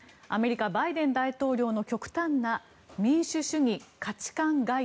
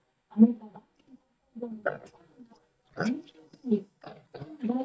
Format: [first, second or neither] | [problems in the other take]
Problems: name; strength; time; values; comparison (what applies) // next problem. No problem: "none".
first | noise reduction (neural mask model DeepFilterNet 3)